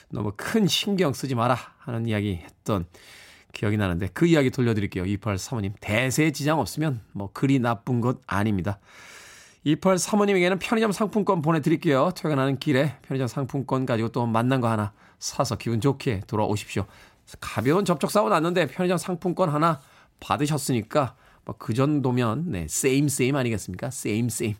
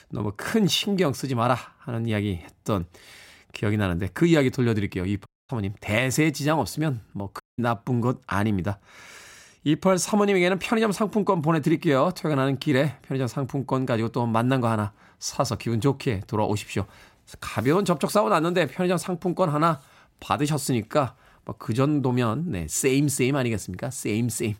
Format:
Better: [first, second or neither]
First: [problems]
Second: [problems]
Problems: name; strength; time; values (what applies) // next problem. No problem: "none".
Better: first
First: none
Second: audio cutting out; at 5.5 s and at 7.5 s